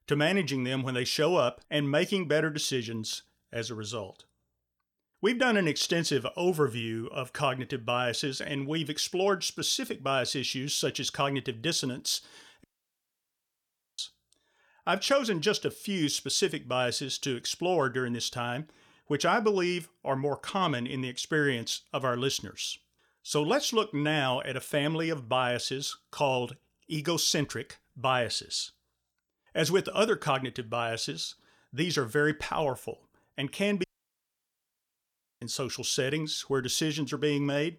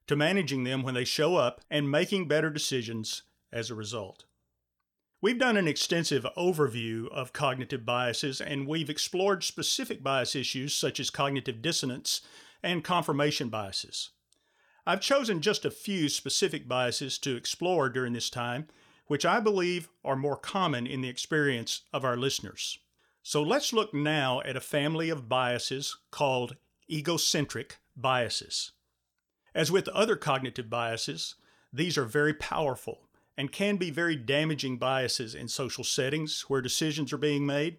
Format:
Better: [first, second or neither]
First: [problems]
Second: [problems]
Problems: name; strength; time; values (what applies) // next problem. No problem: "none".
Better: second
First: audio cutting out; at 13 s for 1.5 s and at 34 s for 1.5 s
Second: none